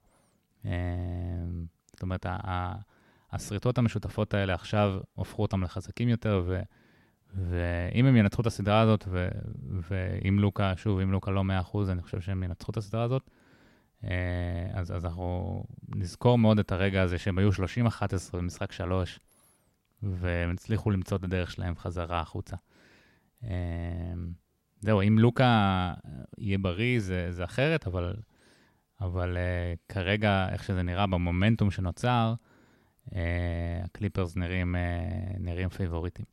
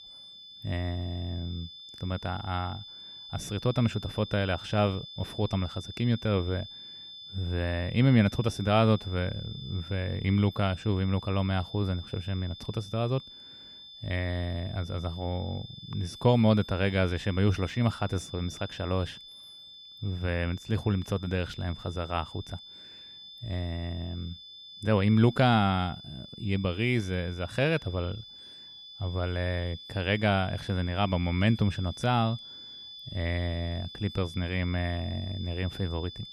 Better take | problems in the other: first | high-pitched whine; noticeable; throughout; 3.5 kHz, 15 dB below the speech

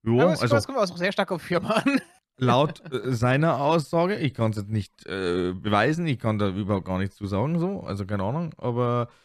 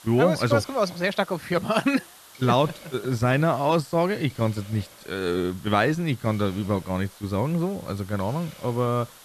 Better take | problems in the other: first | hiss; faint; throughout; 20 dB below the speech

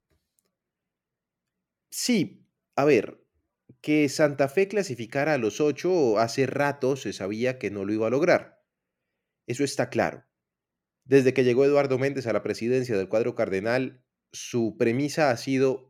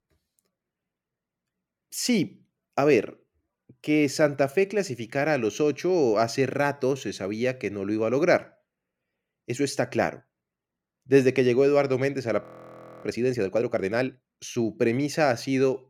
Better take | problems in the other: first | audio freezing; at 12 s for 0.5 s

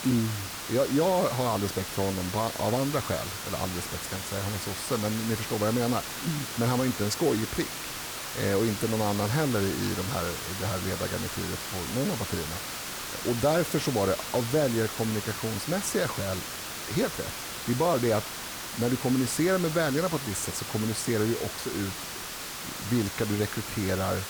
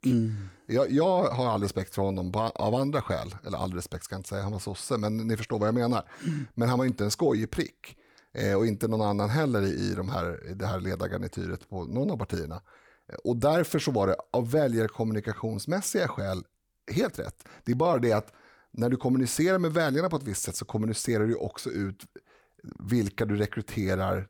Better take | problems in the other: second | hiss; loud; throughout; 5 dB below the speech

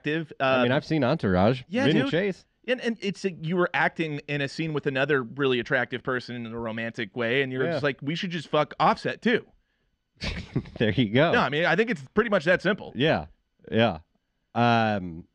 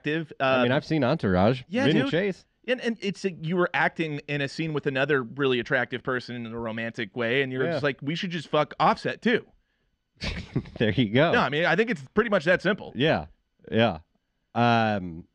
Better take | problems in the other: neither | muffled; very slightly; fading above 3 kHz; the same in both

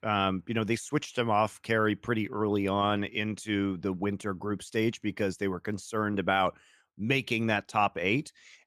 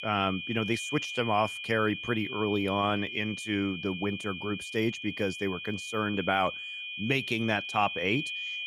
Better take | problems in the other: first | high-pitched whine; loud; throughout; 2.5 kHz, 6 dB below the speech

